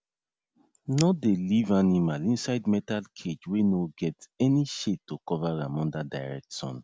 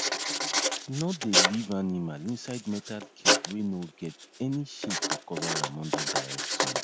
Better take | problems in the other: first | background sound (Writing); 4 dB above the speech

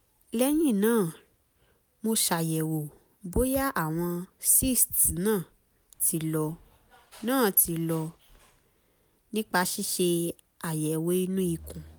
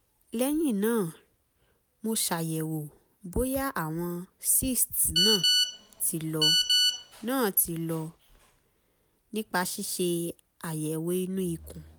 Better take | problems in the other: first | background sound (Telephone); 5 dB above the speech

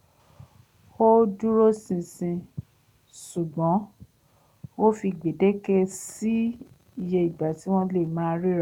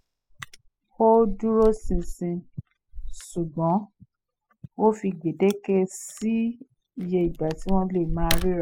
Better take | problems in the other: first | noise reduction (classical method spectral subtraction)

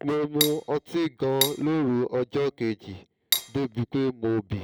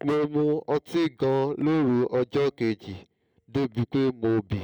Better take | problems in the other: second | background sound (Cutlery, silverware); 4 dB below the speech

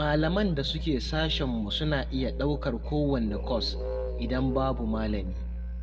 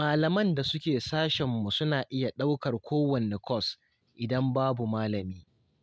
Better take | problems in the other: second | background sound (Musical instrument); 4 dB below the speech // room echo; dies away in 0.7 s

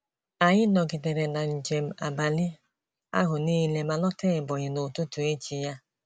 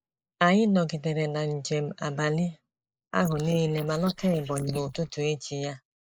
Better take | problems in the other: first | noise reduction (neural mask model Resemble Enhance denoiser)

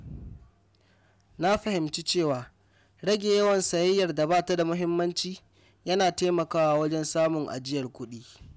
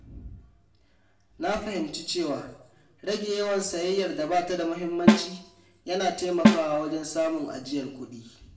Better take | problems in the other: first | background sound (Snare drum); 4 dB above the speech // room echo; dies away in 0.6 s

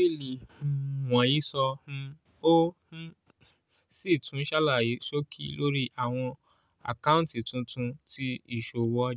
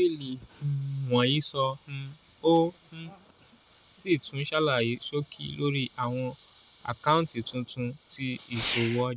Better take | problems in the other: first | background sound (Fireworks); 16 dB below the speech

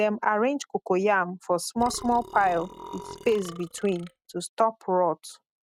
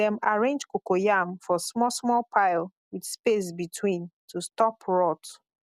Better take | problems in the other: second | noise reduction (neural mask model RNNoise)

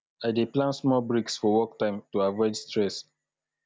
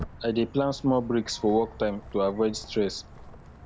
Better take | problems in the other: first | background sound (Walk, footsteps); 16 dB below the speech

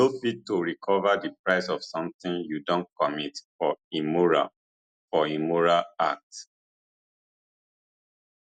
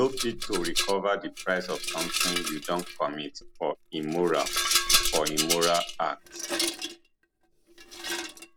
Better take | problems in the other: first | background sound (Rattle); as loud as the speech

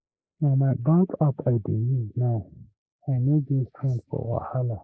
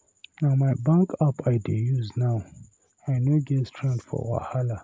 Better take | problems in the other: second | noise reduction (neural mask model Resemble Enhance denoiser)

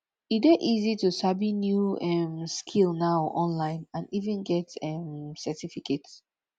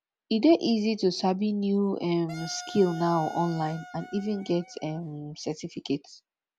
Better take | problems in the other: first | background sound (Wind instrument, woodwind instrument); 17 dB below the speech

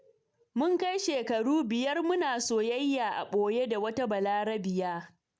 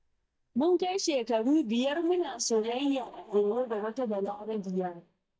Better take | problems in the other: first | noise reduction (neural mask model DeepFilterNet 3)

